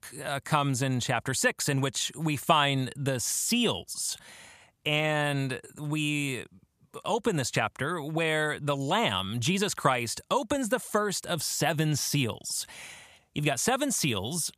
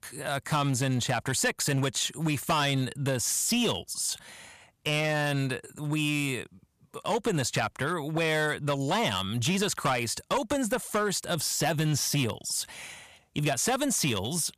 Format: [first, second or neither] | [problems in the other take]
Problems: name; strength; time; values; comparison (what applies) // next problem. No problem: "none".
first | distortion; slight; 7% of the sound clipped